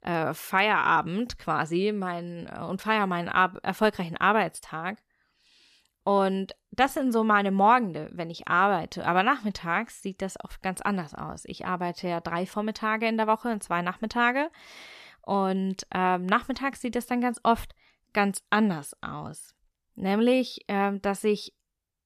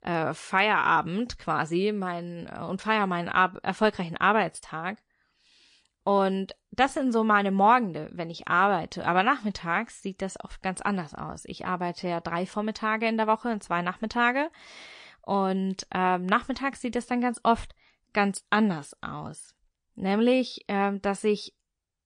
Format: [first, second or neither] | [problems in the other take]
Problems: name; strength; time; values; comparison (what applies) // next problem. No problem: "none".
first | garbled, watery; slightly; nothing above 10 kHz